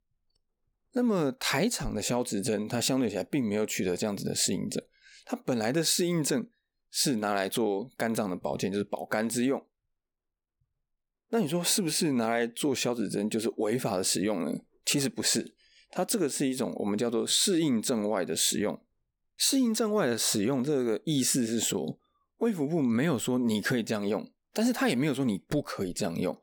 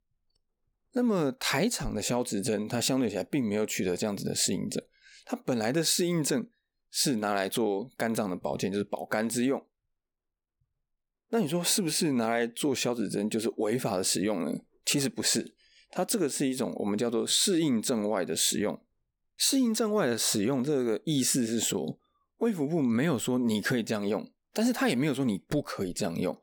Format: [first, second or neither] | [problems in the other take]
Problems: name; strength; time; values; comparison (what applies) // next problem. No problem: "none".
neither | none